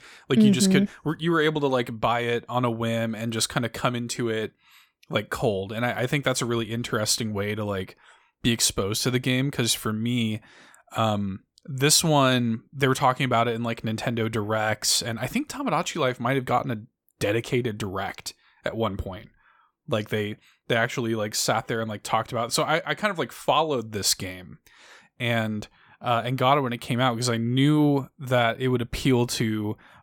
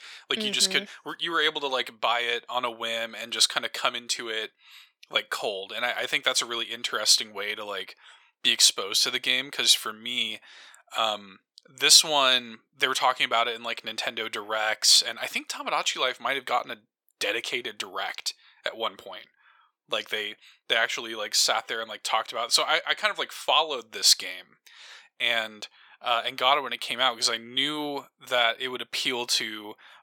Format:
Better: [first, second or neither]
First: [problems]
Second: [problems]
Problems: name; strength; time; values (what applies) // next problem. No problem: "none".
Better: first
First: none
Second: thin; very; fading below 550 Hz